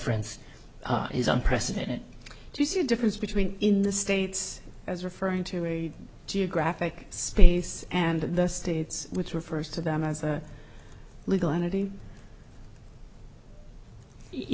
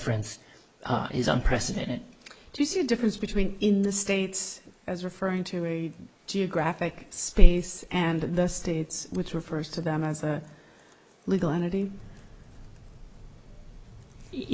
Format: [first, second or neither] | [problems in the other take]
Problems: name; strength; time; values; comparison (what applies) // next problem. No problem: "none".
first | noise reduction (neural mask model Resemble Enhance denoiser)